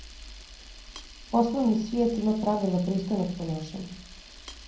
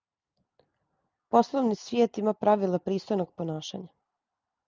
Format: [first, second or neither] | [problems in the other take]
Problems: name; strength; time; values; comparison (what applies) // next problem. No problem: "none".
second | background sound (Camera); 17 dB below the speech // room echo; dies away in 0.6 s